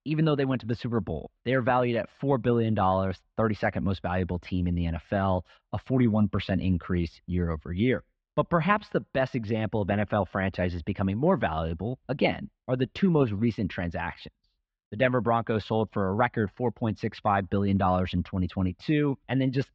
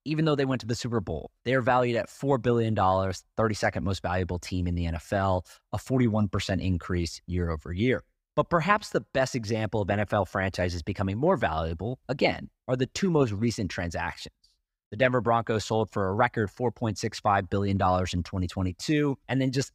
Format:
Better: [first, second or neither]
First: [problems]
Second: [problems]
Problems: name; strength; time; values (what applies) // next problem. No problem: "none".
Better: second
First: muffled; slightly; fading above 3.5 kHz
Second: none